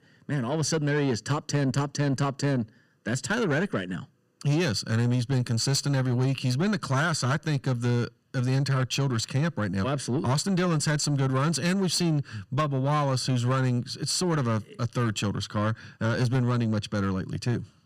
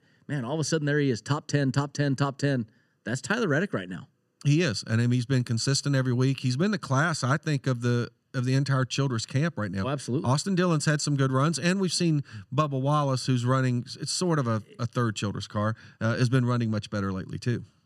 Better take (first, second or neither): second